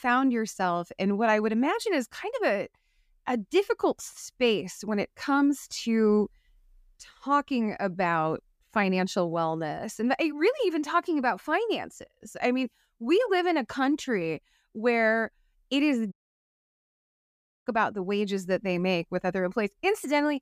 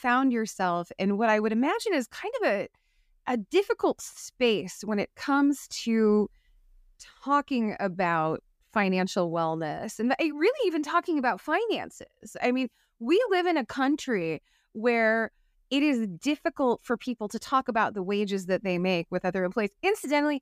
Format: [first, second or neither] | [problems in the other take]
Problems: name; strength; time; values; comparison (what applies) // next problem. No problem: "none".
second | audio cutting out; at 16 s for 1.5 s